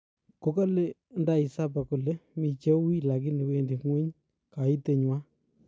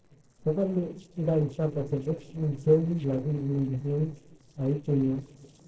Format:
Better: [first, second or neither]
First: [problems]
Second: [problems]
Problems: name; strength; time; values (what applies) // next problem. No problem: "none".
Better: first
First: none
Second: noise reduction (neural separator model SepFormer DNS4)